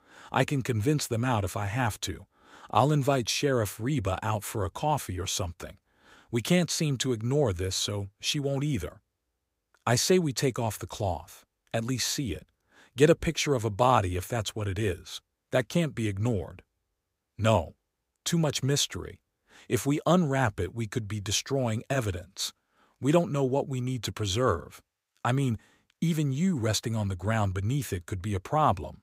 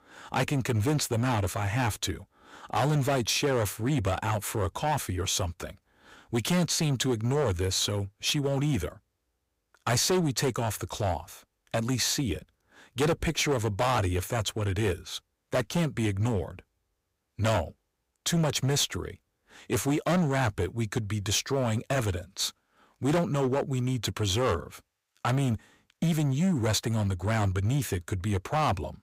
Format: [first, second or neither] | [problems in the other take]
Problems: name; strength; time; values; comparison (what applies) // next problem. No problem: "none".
first | distortion; heavy; 9% of the sound clipped